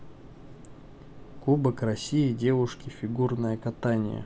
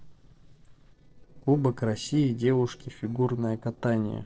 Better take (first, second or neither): first